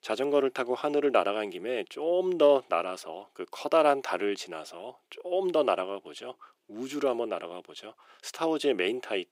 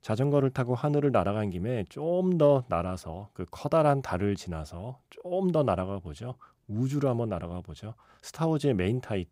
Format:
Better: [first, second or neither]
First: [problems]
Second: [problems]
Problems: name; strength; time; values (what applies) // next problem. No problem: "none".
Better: second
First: thin; somewhat; fading below 350 Hz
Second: none